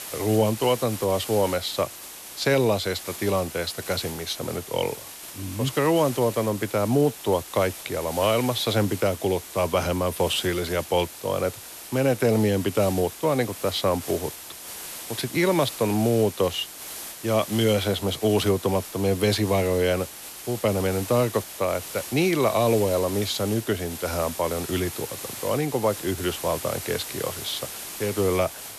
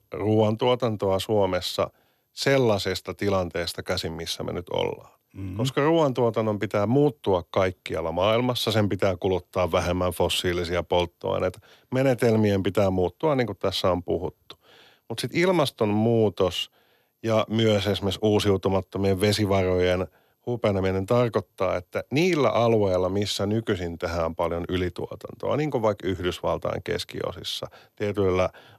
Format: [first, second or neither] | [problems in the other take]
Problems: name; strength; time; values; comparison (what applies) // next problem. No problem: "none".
second | hiss; noticeable; throughout; 10 dB below the speech